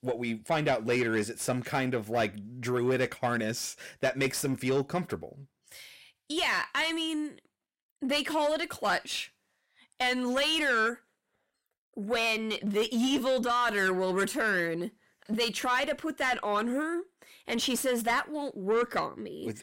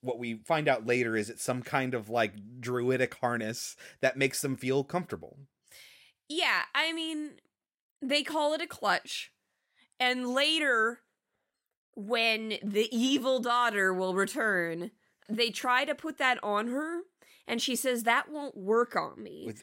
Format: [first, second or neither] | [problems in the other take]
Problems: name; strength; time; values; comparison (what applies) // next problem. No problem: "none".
second | distortion; slight; 10 dB below the speech